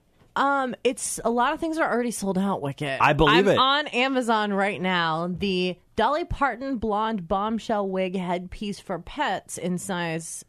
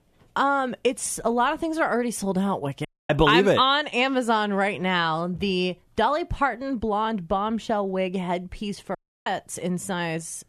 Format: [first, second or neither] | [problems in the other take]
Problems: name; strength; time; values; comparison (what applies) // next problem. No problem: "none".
first | audio cutting out; at 3 s and at 9 s